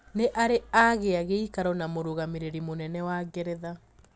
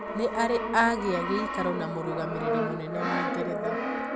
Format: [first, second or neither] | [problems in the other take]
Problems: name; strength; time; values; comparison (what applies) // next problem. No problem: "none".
first | background sound (Brass instrument); 1 dB below the speech